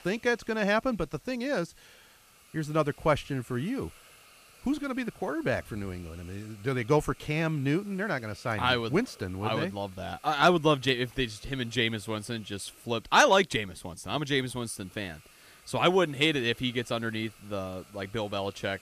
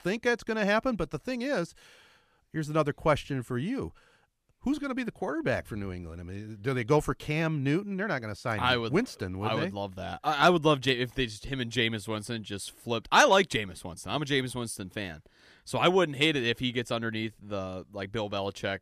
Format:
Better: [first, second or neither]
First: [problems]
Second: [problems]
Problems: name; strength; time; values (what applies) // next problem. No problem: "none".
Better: second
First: hiss; faint; throughout; 25 dB below the speech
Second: none